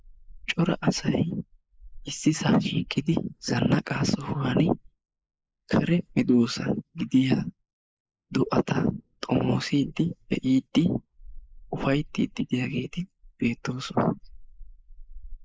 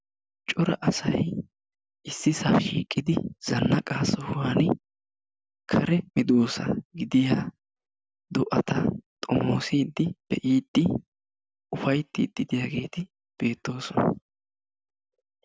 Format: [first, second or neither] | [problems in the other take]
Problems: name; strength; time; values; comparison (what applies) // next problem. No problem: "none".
second | noise reduction (neural mask model Resemble Enhance denoiser)